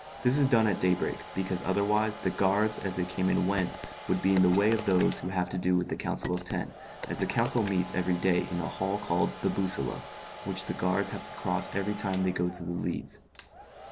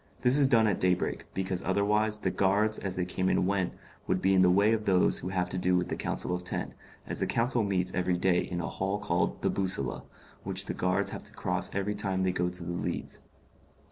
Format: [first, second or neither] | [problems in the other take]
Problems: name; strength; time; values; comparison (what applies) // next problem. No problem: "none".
second | background sound (Telephone + Domestic sounds, home sounds); 14 dB below the speech